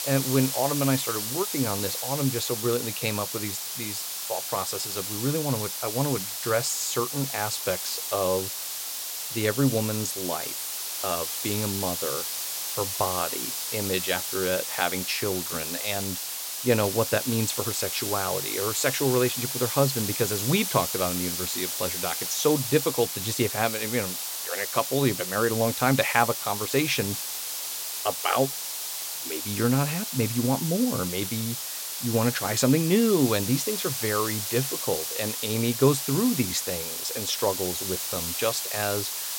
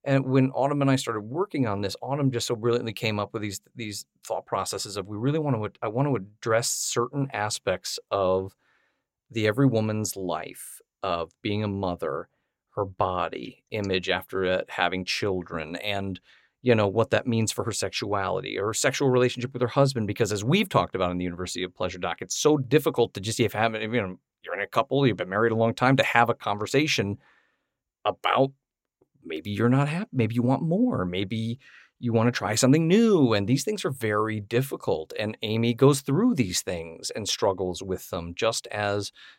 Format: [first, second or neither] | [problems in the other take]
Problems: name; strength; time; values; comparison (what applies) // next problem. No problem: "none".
second | hiss; loud; throughout; 2 dB below the speech